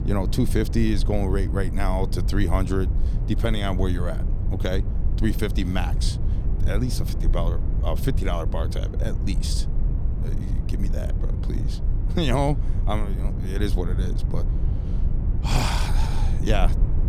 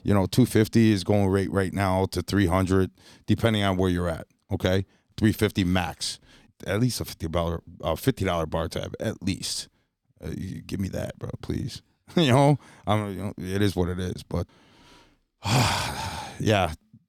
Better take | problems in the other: second | low rumble; noticeable; throughout; 10 dB below the speech

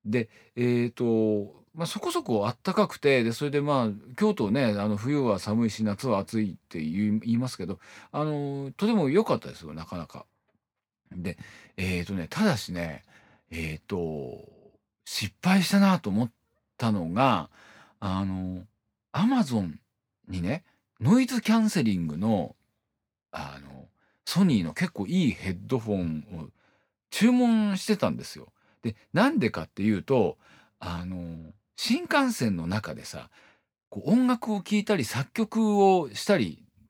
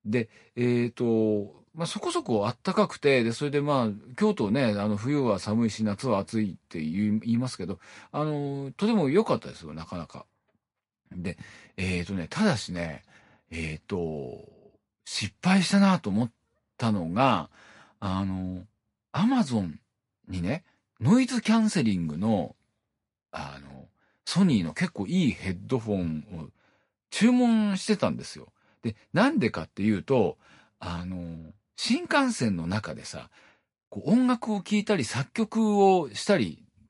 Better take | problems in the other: first | garbled, watery; slightly; nothing above 11 kHz

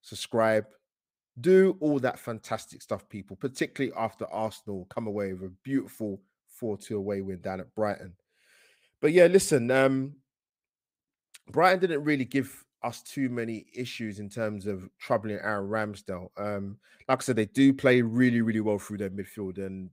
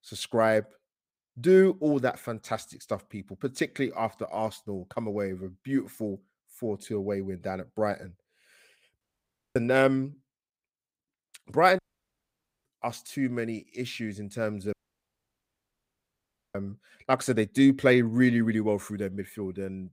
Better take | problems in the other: first | audio cutting out; at 9 s for 0.5 s, at 12 s for 1 s and at 15 s for 2 s

